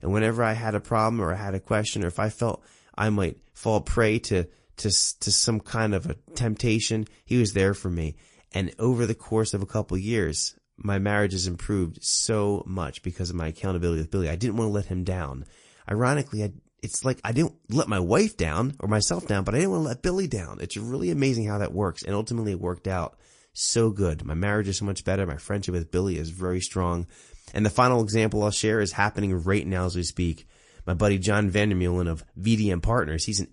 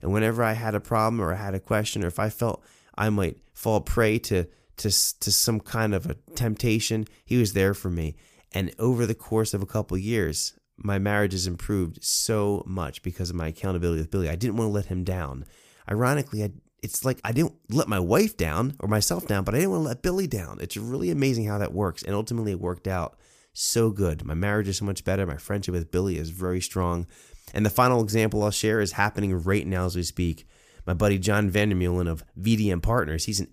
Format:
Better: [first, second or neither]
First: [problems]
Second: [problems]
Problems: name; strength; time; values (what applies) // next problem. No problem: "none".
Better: second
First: garbled, watery; slightly; nothing above 10.5 kHz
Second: none